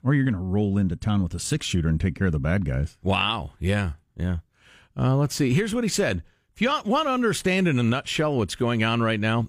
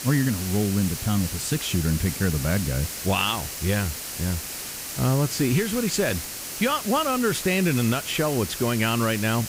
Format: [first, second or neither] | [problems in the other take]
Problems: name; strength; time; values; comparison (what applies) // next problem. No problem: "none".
first | hiss; loud; throughout; 6 dB below the speech